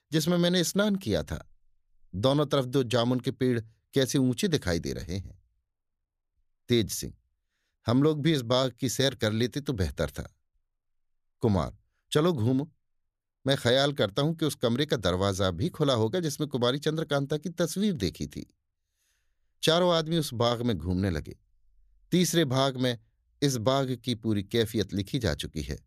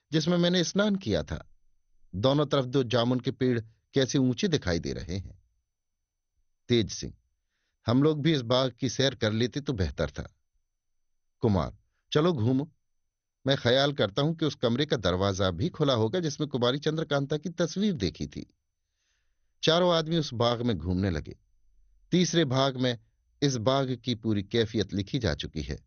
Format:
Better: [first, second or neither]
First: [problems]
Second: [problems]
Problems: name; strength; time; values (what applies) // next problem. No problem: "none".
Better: first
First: none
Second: garbled, watery; slightly; nothing above 6.5 kHz